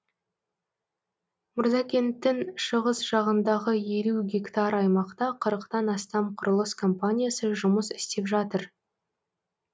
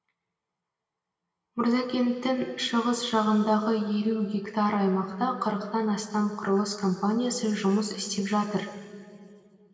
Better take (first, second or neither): first